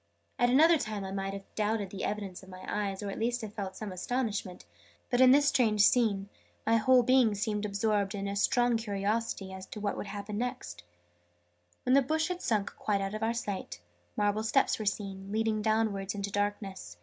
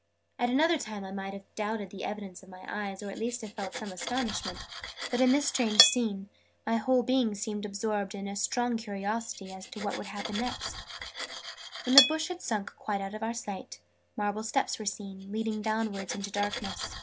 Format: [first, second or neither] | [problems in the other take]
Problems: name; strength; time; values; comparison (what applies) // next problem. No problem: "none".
first | background sound (Cutlery, silverware); 5 dB below the speech